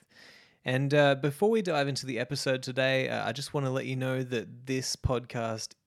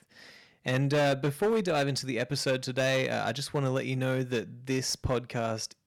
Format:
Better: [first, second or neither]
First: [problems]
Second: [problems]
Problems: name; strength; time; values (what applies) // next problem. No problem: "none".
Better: first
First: none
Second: distortion; slight; 8% of the sound clipped